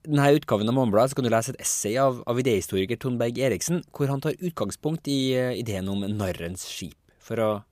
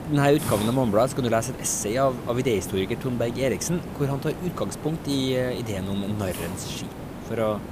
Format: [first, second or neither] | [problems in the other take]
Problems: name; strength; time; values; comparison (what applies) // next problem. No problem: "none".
first | hiss; loud; throughout; 10 dB below the speech